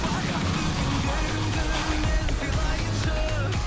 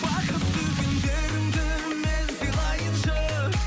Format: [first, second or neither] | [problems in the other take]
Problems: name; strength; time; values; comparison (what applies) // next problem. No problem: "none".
second | background sound (Train); 2 dB below the speech